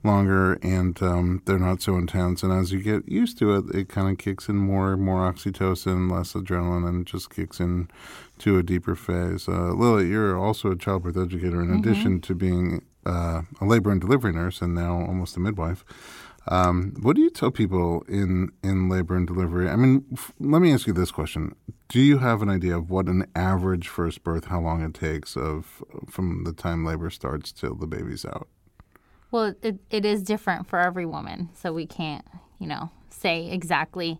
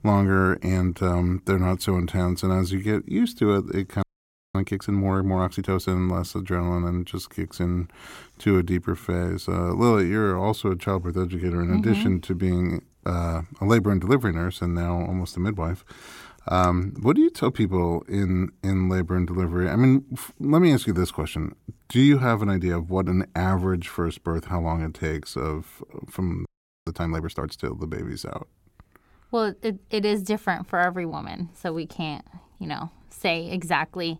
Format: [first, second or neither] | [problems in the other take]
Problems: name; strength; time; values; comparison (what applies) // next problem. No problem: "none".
first | audio freezing; at 4 s for 0.5 s and at 26 s